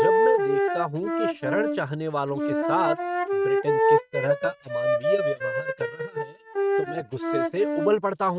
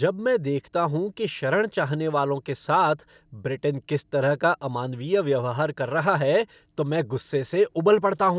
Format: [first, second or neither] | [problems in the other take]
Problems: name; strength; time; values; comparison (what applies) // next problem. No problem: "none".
second | noise reduction (neural mask model RNNoise)